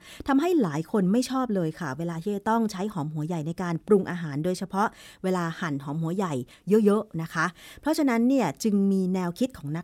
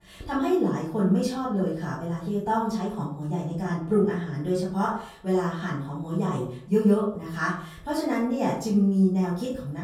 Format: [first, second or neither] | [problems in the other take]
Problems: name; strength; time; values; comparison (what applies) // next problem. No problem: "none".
first | off-mic speech; far // room echo; noticeable; dies away in 0.5 s